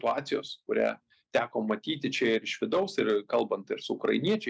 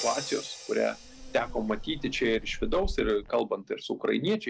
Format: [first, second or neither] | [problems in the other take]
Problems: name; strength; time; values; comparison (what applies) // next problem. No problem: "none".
first | background sound (Insect + Crash cymbal); 9 dB below the speech